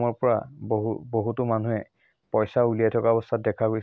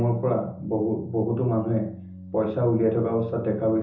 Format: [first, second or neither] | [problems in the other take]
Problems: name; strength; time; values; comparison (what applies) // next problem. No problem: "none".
first | background sound (Organ); 15 dB below the speech // room echo; dies away in 0.6 s